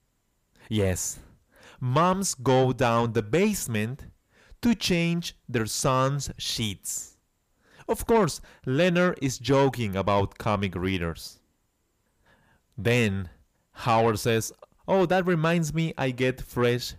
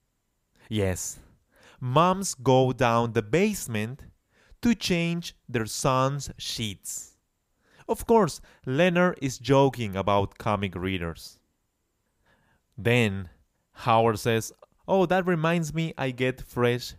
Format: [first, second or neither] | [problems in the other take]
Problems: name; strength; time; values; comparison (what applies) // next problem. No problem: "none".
second | distortion; slight; 10 dB below the speech